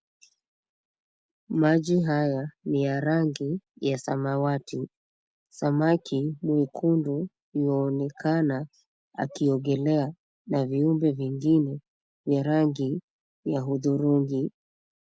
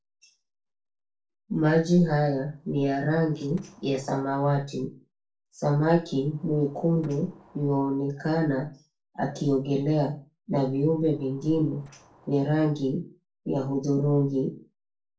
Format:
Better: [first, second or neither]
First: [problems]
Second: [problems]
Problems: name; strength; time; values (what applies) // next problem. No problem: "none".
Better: first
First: none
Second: noise reduction (neural separator model SepFormer DNS4)